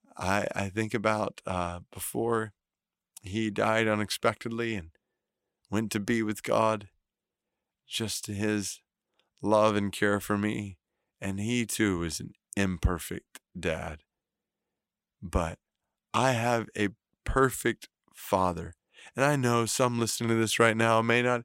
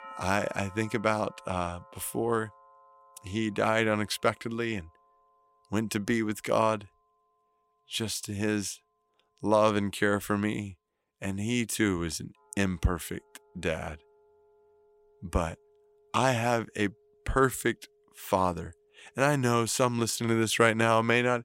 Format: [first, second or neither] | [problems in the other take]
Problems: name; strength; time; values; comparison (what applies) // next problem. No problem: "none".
first | alarms or sirens; faint; throughout; 25 dB below the speech